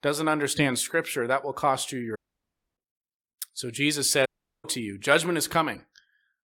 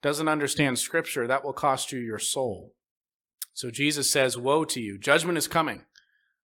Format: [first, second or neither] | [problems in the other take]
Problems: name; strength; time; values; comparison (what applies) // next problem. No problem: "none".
second | audio cutting out; at 2 s for 0.5 s and at 4.5 s